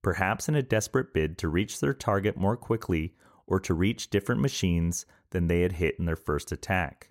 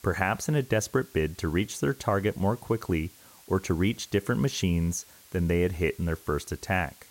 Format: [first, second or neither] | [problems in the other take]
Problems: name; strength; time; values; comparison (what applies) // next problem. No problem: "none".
first | hiss; faint; throughout; 25 dB below the speech